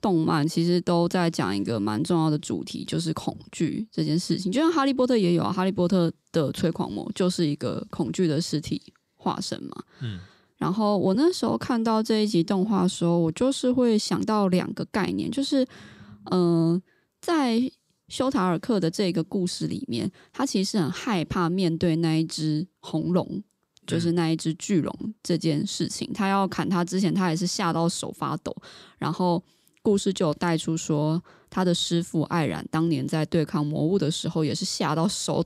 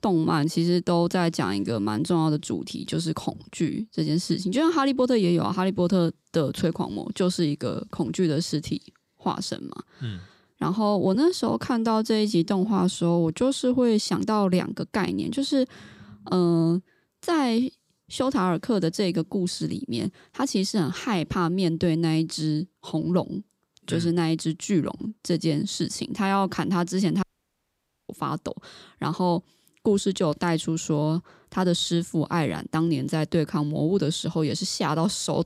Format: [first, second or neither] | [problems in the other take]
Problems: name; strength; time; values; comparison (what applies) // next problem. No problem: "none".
first | audio cutting out; at 27 s for 1 s